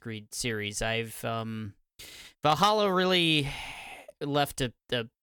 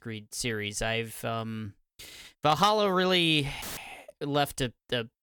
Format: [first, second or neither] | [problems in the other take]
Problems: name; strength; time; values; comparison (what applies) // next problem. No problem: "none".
first | audio cutting out; filled with static; at 3.5 s